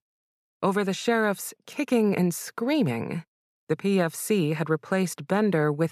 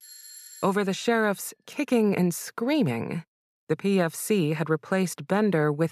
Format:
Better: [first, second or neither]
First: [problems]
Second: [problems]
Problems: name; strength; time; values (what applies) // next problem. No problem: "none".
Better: first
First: none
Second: doorbell; faint; at the start; peak 15 dB below the speech